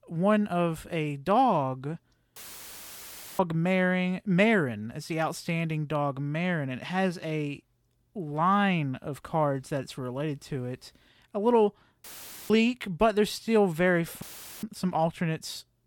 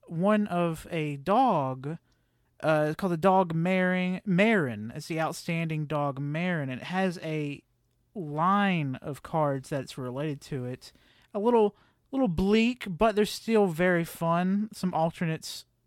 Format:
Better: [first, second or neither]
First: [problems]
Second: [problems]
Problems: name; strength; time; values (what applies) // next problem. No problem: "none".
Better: second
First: audio cutting out; filled with static; at 2.5 s for 1 s, at 12 s and at 14 s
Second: none